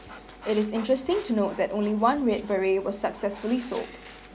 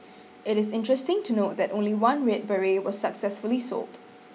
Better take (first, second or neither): second